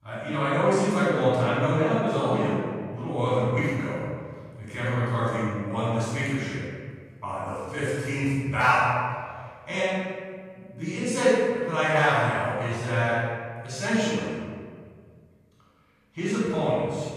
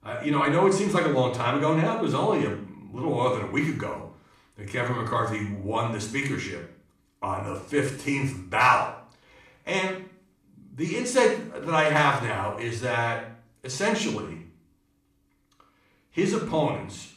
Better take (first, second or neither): second